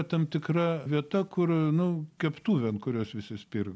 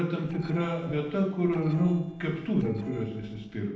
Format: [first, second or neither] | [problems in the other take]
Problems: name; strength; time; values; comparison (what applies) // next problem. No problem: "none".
first | noise reduction (neural separator model SepFormer DNS4)